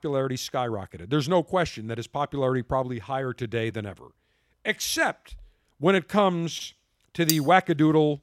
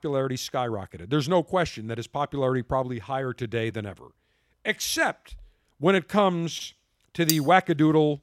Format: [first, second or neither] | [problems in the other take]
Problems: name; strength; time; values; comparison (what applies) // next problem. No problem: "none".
neither | clattering dishes; very faint; at 7.5 s; peak 2 dB below the speech; the same in both